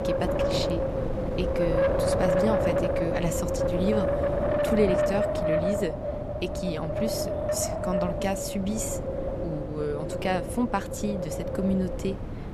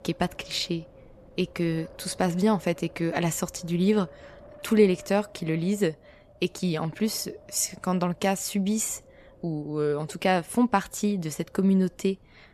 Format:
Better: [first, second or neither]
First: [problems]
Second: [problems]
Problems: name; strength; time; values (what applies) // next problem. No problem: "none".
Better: second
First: wind noise on the microphone; heavy; 5 dB above the speech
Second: wind noise on the microphone; occasional gusts; 20 dB below the speech